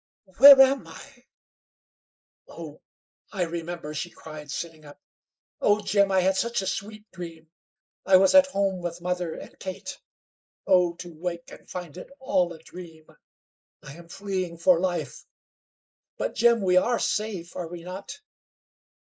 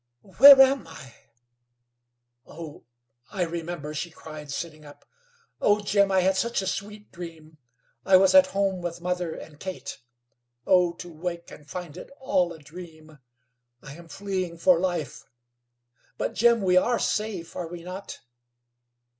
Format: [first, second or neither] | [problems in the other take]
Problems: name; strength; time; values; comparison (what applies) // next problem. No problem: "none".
second | noise reduction (neural mask model Resemble Enhance denoiser)